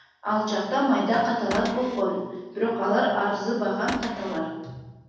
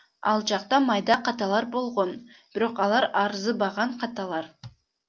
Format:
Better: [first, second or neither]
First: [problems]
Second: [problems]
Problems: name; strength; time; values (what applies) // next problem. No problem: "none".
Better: second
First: background sound (Cupboard open or close / Door); 11 dB below the speech // room echo; dies away in 1.1 s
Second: none